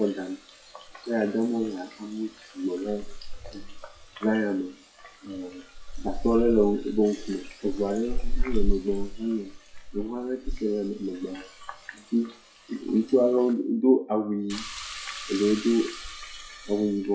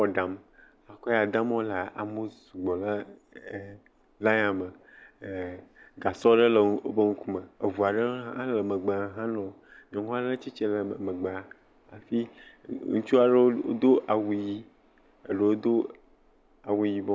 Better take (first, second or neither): second